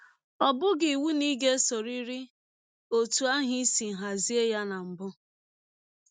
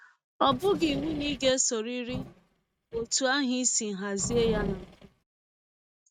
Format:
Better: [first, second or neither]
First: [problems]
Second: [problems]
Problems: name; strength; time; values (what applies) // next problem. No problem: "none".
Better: first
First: none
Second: noise reduction (neural mask model RNNoise)